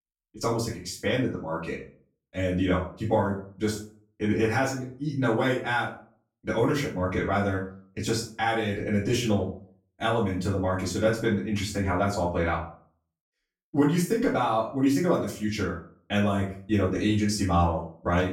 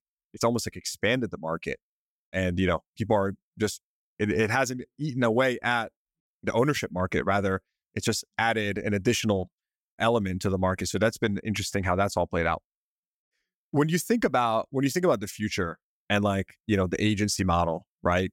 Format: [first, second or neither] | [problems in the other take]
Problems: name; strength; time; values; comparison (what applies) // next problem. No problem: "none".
second | off-mic speech; far // room echo; slight; dies away in 0.4 s